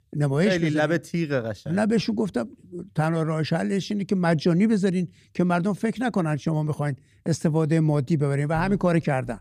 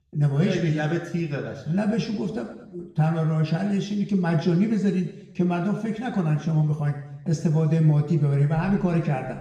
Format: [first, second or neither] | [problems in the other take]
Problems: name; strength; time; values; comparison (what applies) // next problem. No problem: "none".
first | room echo; noticeable; dies away in 0.8 s // off-mic speech; far